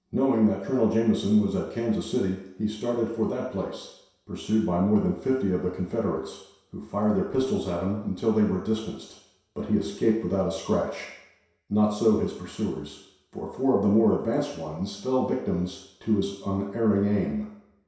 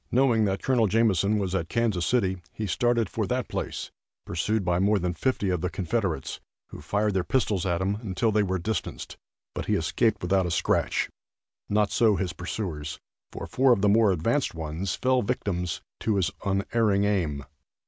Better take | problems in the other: second | room echo; dies away in 0.7 s

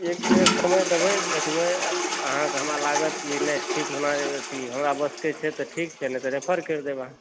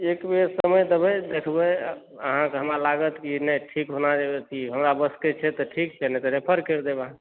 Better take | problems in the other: second | background sound (Toilet flush); 1 dB below the speech

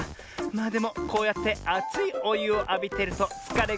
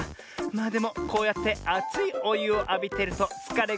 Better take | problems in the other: second | background sound (Sliding door); 16 dB below the speech

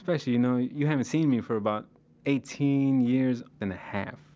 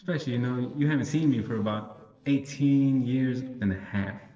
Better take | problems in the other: first | noise reduction (neural separator model SepFormer DNS4)

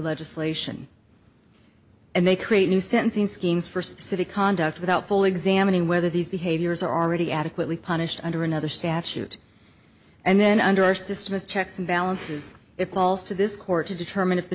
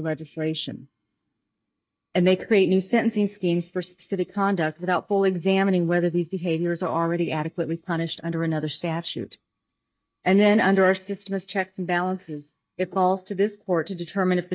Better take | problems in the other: first | noise reduction (neural mask model DeepFilterNet 3)

